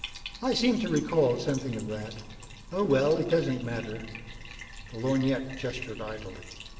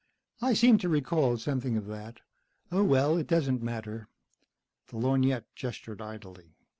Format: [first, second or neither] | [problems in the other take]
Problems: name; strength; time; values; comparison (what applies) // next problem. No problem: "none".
second | background sound (Bathtub (filling or washing)); 14 dB below the speech // room echo; dies away in 2.7 s